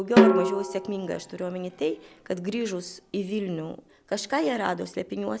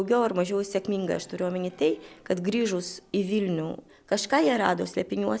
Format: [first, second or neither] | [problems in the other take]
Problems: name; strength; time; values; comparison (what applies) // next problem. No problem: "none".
second | background sound (Snare drum); 4 dB above the speech